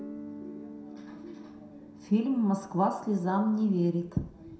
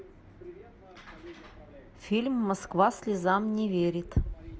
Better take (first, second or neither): second